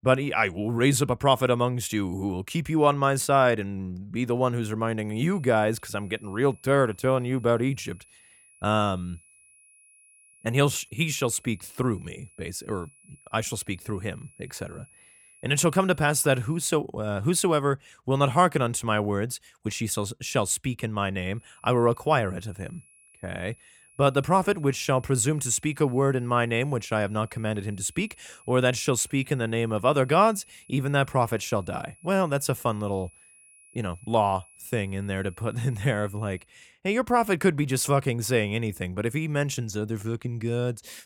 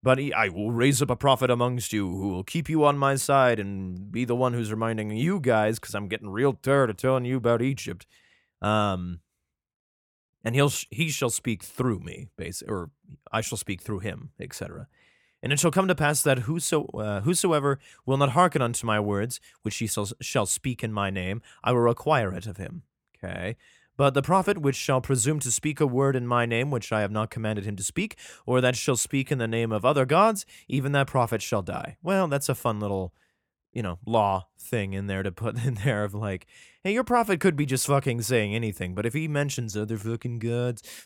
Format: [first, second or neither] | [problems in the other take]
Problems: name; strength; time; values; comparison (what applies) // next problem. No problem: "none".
second | high-pitched whine; faint; from 5 to 17 s and from 21 to 36 s; 10.5 kHz, 30 dB below the speech